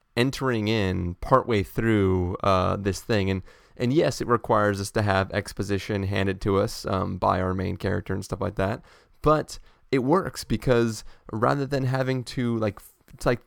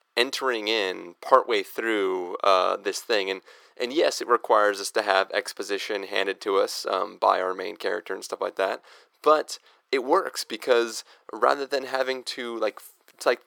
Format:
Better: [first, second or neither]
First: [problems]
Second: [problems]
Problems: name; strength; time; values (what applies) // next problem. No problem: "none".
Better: first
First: none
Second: thin; very; fading below 400 Hz